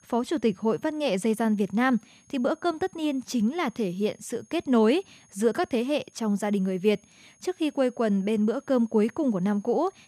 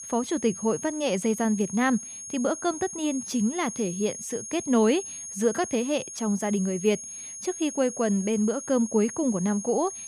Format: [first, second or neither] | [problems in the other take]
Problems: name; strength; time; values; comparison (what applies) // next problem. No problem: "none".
first | high-pitched whine; loud; throughout; 6.5 kHz, 9 dB below the speech; faint in the first